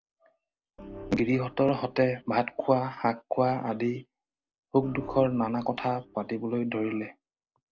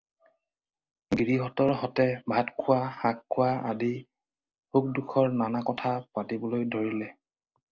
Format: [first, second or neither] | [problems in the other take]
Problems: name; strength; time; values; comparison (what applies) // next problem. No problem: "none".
second | background sound (Organ); 18 dB below the speech